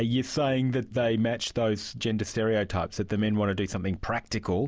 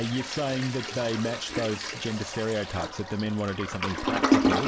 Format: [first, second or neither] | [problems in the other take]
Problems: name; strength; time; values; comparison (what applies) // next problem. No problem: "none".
first | background sound (Toilet flush); 1 dB above the speech